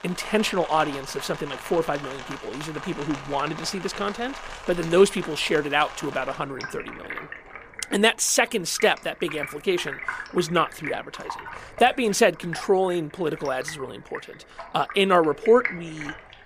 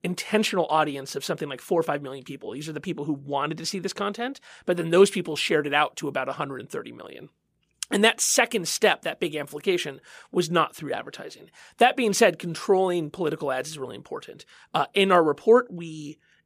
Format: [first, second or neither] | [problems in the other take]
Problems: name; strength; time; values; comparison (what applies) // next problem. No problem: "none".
second | rain or running water; noticeable; throughout; 15 dB below the speech